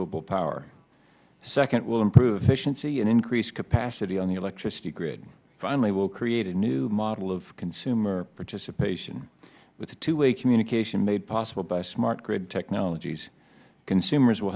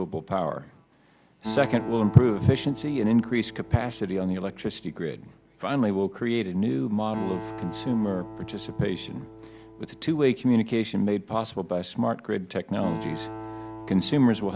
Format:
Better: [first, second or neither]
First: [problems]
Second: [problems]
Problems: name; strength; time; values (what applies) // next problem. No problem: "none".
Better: first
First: none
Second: background sound (Acoustic guitar); 14 dB below the speech